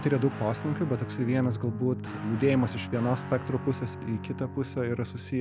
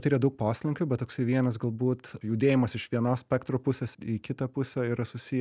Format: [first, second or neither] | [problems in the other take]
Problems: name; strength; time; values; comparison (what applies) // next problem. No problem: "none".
second | background sound (Guitar); 9 dB below the speech